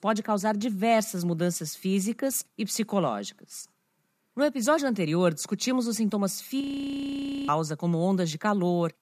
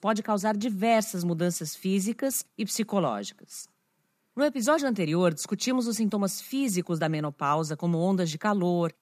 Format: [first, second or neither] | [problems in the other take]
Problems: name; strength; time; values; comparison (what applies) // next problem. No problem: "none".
second | audio freezing; at 6.5 s for 1 s